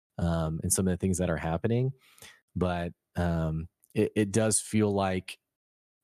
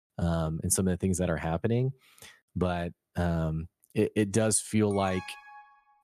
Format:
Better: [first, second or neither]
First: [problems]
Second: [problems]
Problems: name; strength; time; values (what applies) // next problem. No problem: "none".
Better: first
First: none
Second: alarm; faint; at 5 s; peak 15 dB below the speech